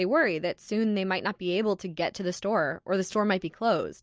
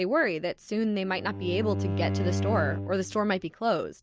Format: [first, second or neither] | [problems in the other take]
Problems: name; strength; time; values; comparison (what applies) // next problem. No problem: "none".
first | background sound (Bowed string instrument); 3 dB below the speech